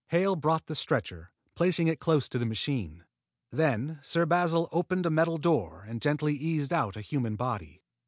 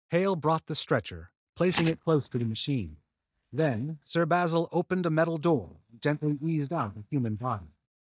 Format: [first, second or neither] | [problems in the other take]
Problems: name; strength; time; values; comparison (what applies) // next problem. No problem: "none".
first | noise reduction (neural mask model DeepFilterNet 3)